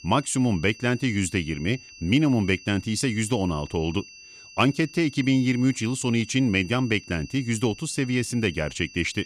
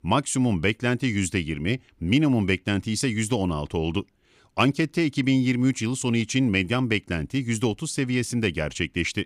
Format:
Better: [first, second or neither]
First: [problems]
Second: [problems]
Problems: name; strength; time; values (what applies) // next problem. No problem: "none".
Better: second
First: high-pitched whine; noticeable; throughout; 2.5 kHz, 20 dB below the speech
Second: none